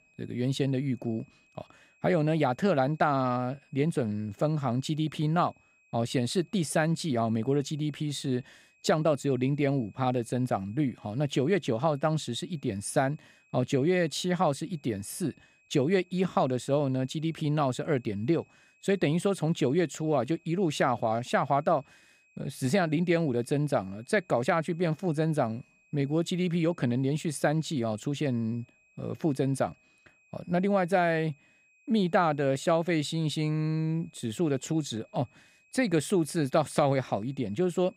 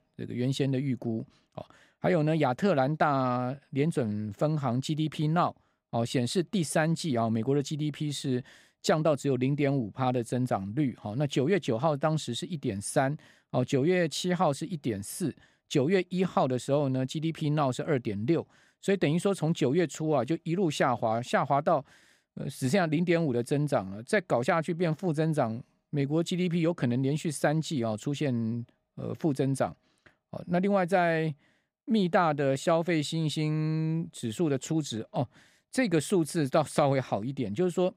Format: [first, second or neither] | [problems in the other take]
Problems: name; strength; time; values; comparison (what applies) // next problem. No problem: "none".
second | high-pitched whine; faint; throughout; 2.5 kHz, 35 dB below the speech